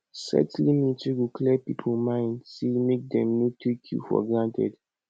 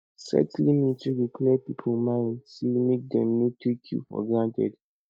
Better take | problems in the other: first | noise reduction (neural mask model DeepFilterNet 3)

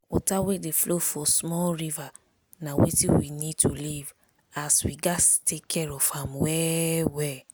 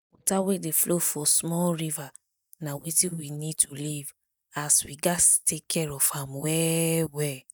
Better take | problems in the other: first | noise reduction (neural mask model DeepFilterNet 3)

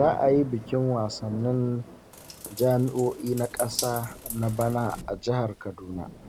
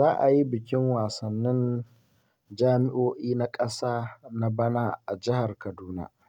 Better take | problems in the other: second | background sound (Bathtub (filling or washing) + Thunder / Rain); 13 dB below the speech

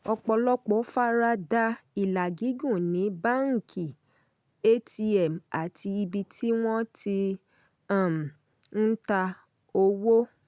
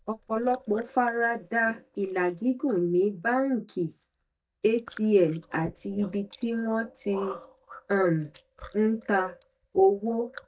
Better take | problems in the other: first | noise reduction (neural mask model DeepFilterNet 3)

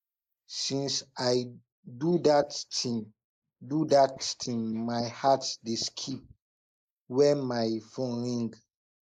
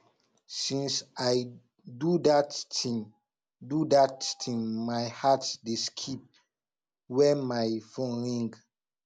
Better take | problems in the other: second | noise reduction (neural mask model Resemble Enhance denoiser)

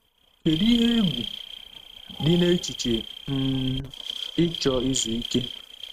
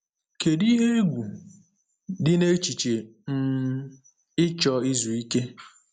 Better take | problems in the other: second | noise reduction (neural mask model RNNoise)

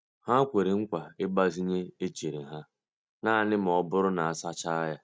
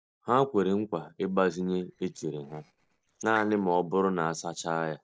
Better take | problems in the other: first | noise reduction (neural separator model SepFormer DNS4)

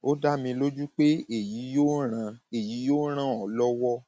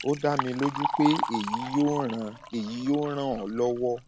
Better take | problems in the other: first | background sound (Liquid); 6 dB below the speech

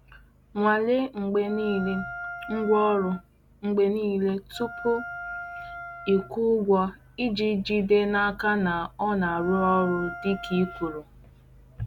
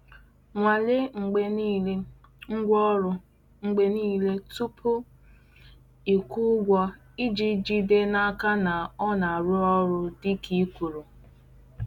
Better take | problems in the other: second | background sound (Wind instrument, woodwind instrument); 12 dB below the speech

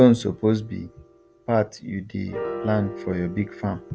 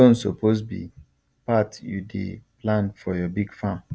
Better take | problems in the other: second | background sound (Piano); 13 dB below the speech

